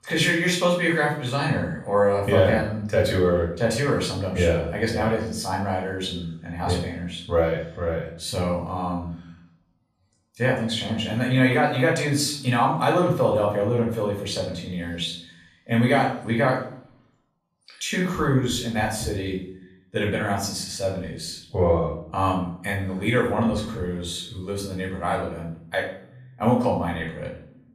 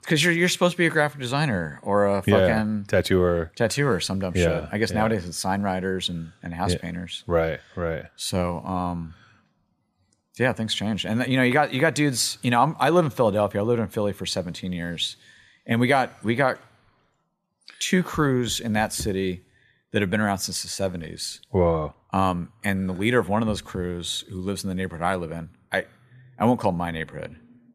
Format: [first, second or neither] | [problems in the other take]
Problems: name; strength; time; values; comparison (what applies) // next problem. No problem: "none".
second | off-mic speech; far // room echo; noticeable; dies away in 0.5 s